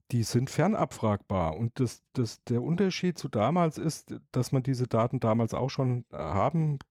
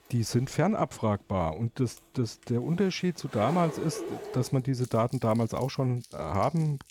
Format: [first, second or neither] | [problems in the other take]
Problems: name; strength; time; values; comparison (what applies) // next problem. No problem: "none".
first | household noises; noticeable; throughout; 15 dB below the speech